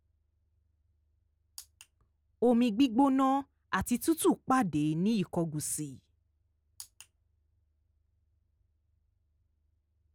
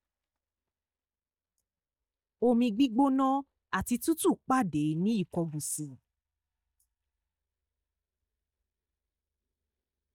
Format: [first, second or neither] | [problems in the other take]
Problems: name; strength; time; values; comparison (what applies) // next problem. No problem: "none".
first | noise reduction (neural mask model DeepFilterNet 3)